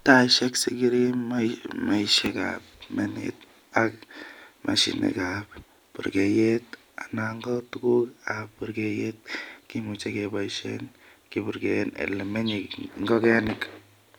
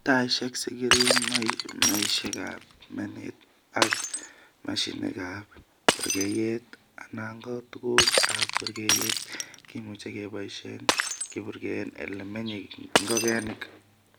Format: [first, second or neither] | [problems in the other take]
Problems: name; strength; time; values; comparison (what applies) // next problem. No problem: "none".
first | background sound (Shatter); 2 dB above the speech